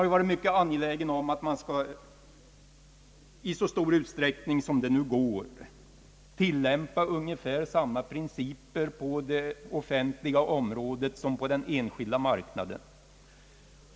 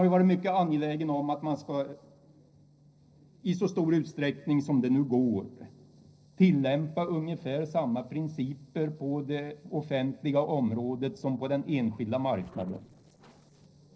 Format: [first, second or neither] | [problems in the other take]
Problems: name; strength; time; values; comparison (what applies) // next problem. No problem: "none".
first | noise reduction (neural separator model SepFormer DNS4)